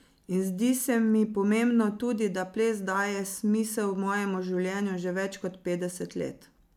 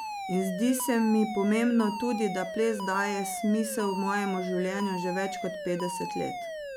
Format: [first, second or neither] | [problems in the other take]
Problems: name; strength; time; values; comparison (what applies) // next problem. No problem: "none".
first | background sound (Alarm); 8 dB below the speech